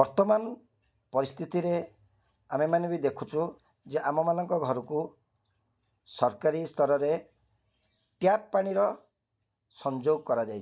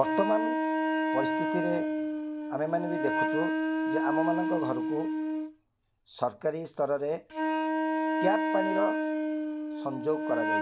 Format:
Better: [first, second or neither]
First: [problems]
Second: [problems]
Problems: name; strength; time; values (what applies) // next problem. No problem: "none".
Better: first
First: none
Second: background sound (Wind instrument, woodwind instrument); 3 dB above the speech